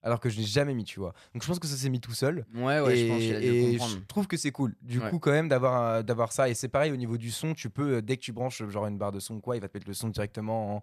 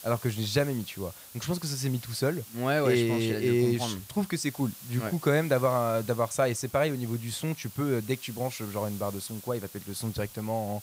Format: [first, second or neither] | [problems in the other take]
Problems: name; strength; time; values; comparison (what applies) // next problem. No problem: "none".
first | hiss; noticeable; throughout; 15 dB below the speech